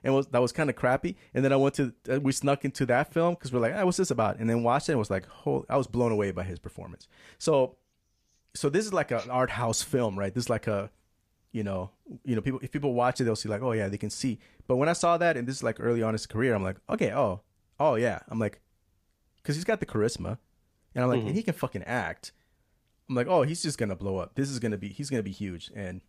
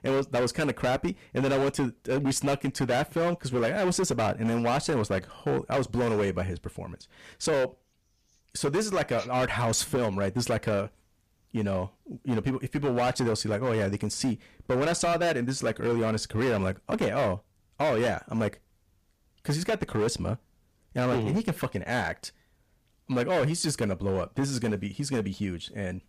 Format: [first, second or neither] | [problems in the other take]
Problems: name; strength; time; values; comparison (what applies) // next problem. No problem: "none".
first | distortion; heavy; 13% of the sound clipped